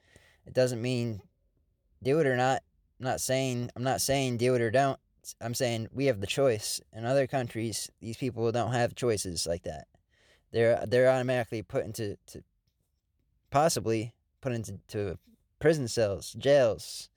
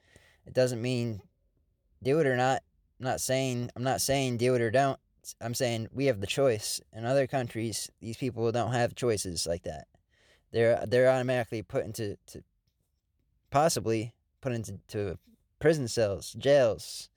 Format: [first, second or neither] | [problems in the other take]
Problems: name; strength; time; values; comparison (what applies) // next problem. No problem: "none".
neither | none